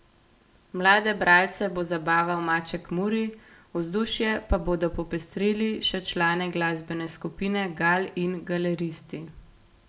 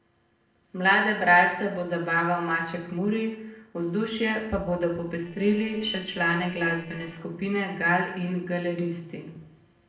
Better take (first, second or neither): first